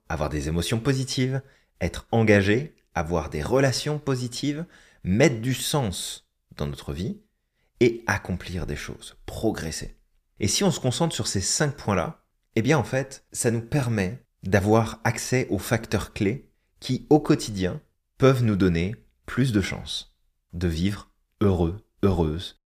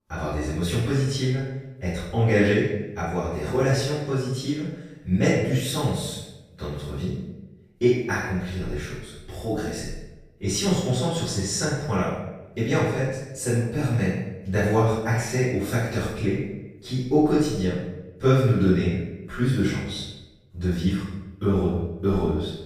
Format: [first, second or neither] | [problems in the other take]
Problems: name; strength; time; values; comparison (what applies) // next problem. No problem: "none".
first | off-mic speech; far // room echo; strong; dies away in 0.8 s